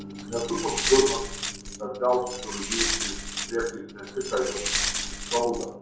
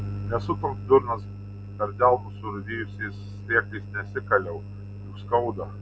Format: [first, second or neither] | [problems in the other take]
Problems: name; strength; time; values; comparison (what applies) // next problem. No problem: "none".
second | background sound (Glass); 3 dB below the speech // room echo; dies away in 2.3 s